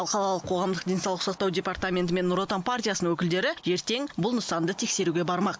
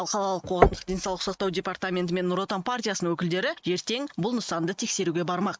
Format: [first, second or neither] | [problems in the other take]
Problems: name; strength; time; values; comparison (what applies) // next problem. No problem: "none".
first | noise reduction (neural mask model RNNoise)